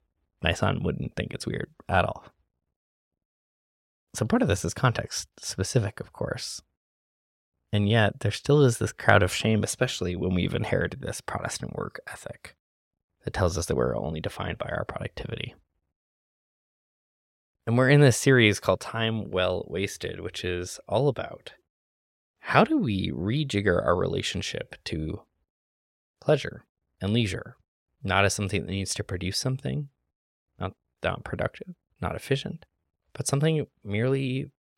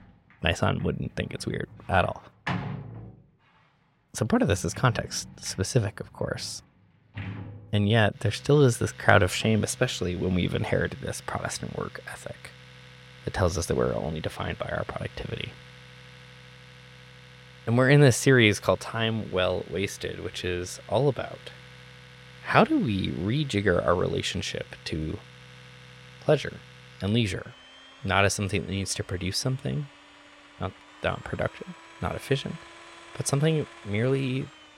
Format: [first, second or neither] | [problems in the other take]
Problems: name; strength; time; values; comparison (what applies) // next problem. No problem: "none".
first | household noises; noticeable; throughout; 20 dB below the speech